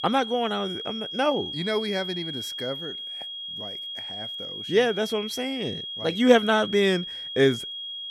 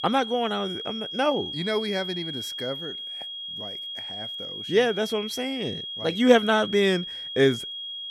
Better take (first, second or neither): neither